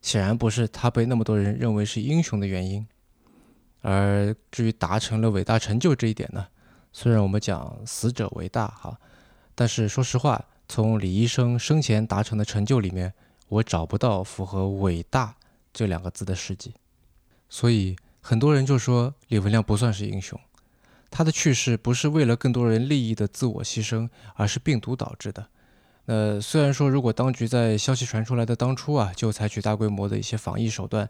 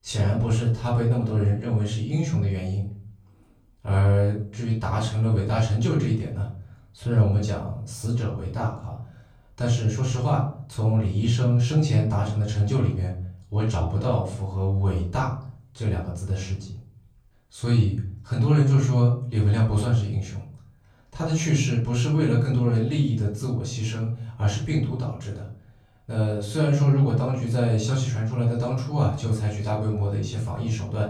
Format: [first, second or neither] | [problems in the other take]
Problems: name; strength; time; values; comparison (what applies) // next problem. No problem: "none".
first | off-mic speech; far // room echo; slight; dies away in 0.6 s